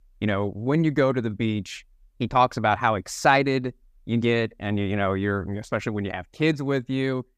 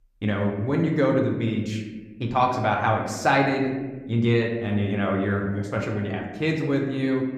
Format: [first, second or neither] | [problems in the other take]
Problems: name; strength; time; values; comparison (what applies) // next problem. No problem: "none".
first | room echo; slight; dies away in 1.1 s // off-mic speech; somewhat distant